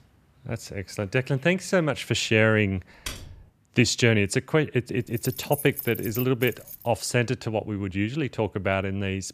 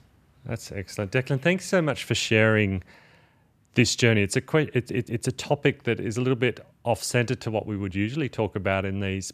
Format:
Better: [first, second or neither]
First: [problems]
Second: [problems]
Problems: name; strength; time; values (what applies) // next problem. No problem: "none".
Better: second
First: keyboard typing; faint; at 3 s; peak 10 dB below the speech // jangling keys; noticeable; from 5 to 7 s; peak 8 dB below the speech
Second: none